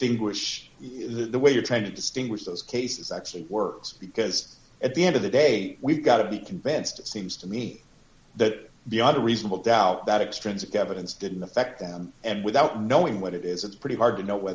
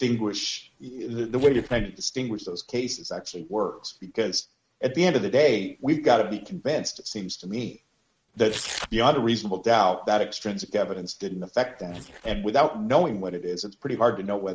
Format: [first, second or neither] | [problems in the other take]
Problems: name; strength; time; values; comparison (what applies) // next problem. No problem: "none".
first | noise reduction (neural mask model RNNoise)